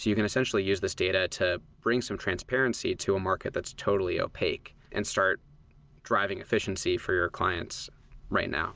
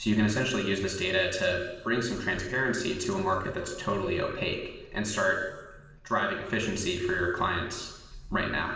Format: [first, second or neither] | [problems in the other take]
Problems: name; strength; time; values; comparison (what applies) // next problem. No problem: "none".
first | room echo; dies away in 1.1 s